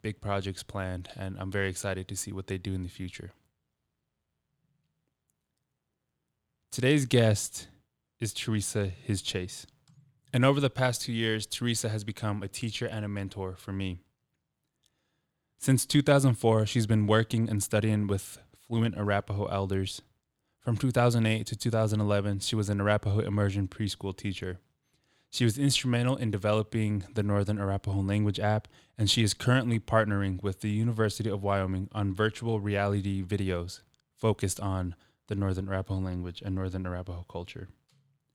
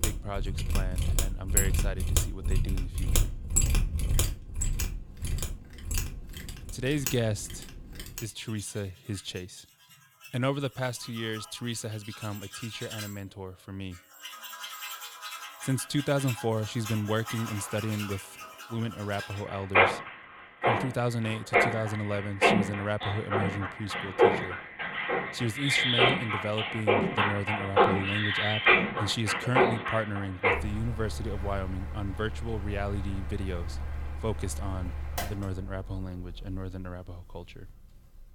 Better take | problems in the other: first | machinery noise; very loud; throughout; 4 dB above the speech

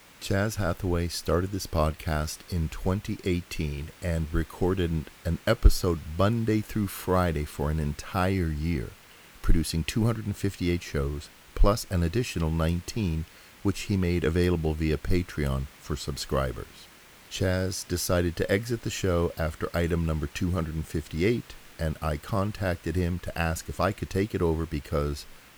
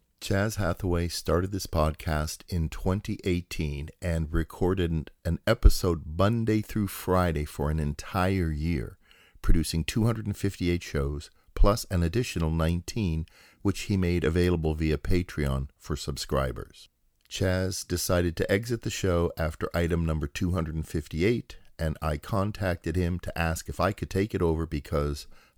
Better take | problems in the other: second | hiss; faint; throughout; 20 dB below the speech

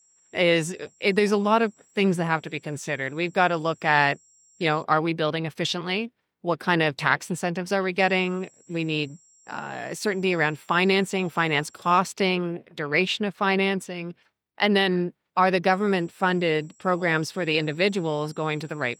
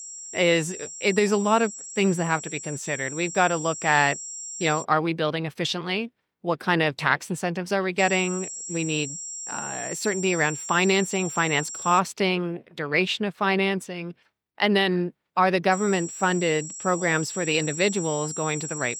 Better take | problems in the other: first | high-pitched whine; loud; until 5 s, from 8 to 12 s and from 16 s on; 7.5 kHz, 9 dB below the speech; faint in the first

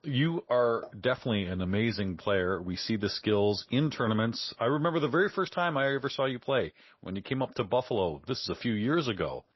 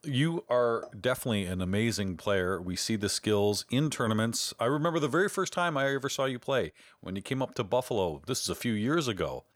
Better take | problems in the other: second | garbled, watery; slightly; nothing above 5.5 kHz

